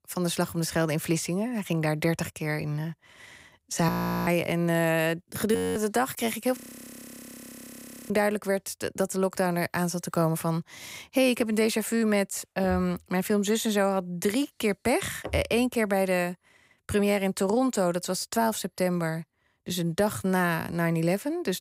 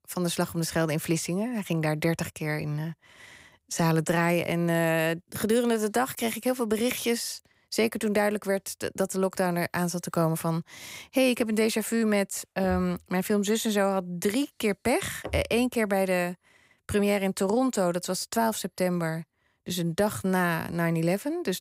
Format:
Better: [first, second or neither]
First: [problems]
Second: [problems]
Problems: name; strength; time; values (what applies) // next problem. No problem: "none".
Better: second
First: audio freezing; at 4 s, at 5.5 s and at 6.5 s for 1.5 s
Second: none